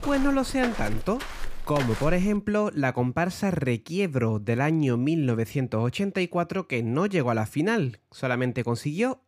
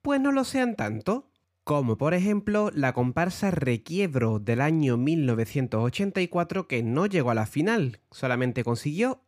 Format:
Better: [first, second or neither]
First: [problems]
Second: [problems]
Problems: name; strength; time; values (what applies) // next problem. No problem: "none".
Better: second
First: footsteps; noticeable; until 2.5 s; peak 8 dB below the speech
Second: none